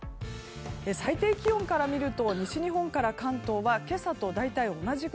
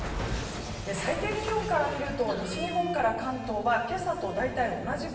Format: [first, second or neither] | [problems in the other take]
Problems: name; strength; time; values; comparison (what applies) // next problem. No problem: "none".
first | background sound (Cat); 11 dB below the speech // room echo; dies away in 1.1 s